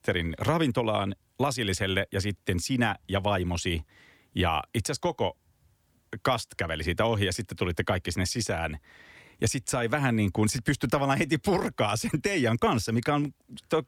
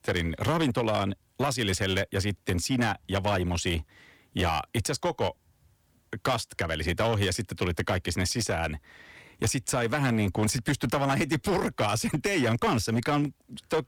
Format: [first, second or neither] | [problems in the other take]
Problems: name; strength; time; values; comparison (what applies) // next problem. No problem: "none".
first | distortion; slight; 9% of the sound clipped